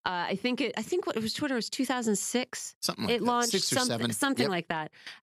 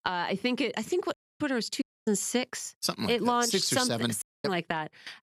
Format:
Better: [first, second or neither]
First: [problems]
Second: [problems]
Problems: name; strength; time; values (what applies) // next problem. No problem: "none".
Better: first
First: none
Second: audio cutting out; at 1 s, at 2 s and at 4 s